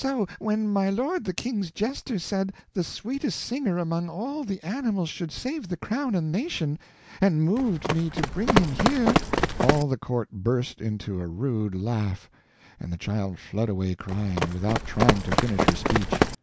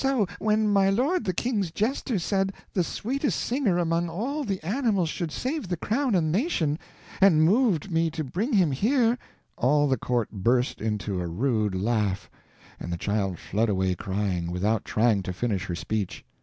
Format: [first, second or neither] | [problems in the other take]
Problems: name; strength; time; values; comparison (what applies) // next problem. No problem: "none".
second | background sound (Run); 2 dB above the speech